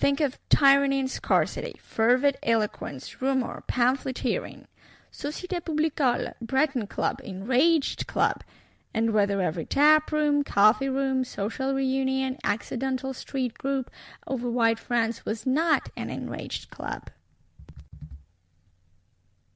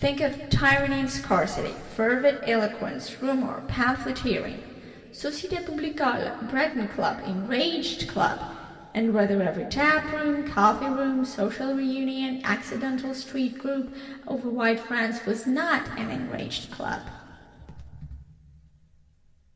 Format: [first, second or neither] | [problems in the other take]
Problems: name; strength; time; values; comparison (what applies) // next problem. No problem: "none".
first | room echo; dies away in 2.3 s